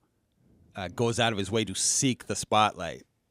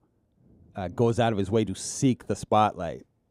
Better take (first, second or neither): first